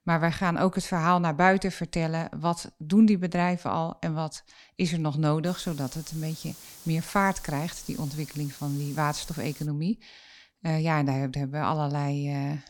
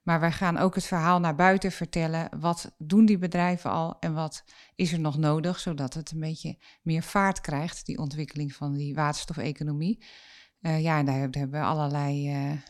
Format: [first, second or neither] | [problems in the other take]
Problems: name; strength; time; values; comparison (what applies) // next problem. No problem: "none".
second | hiss; noticeable; from 5.5 to 9.5 s; 15 dB below the speech